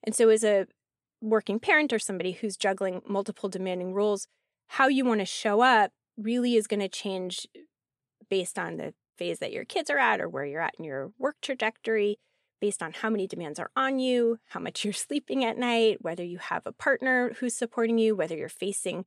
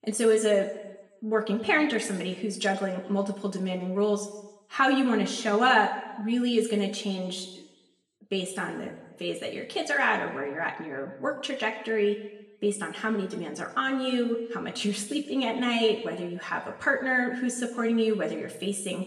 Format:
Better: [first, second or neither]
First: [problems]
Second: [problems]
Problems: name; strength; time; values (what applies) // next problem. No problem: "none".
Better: first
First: none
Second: room echo; slight; dies away in 0.9 s // off-mic speech; somewhat distant